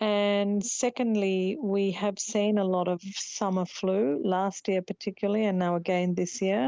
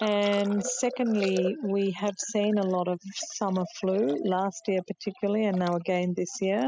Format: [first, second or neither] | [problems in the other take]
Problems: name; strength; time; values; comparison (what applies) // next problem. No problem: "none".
first | noise reduction (classical method spectral subtraction)